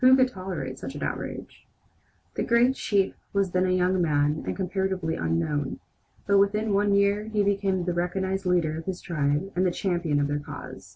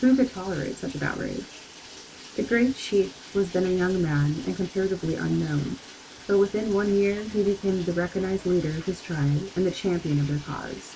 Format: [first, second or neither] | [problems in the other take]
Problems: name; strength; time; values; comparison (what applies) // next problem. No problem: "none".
first | background sound (Bathtub (filling or washing)); 19 dB below the speech